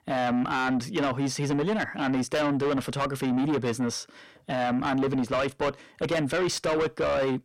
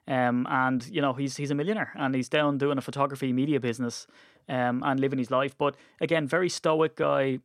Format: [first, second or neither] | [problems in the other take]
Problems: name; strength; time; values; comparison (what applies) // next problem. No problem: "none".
second | distortion; heavy; 6 dB below the speech